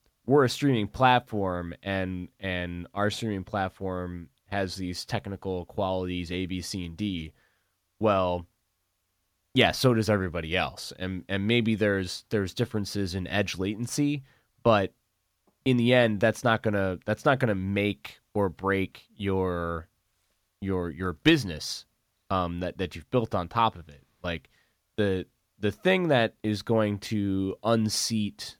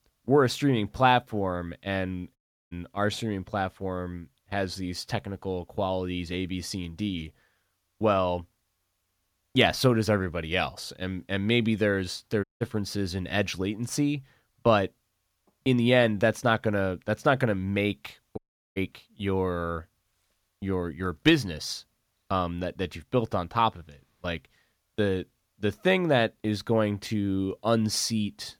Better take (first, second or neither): first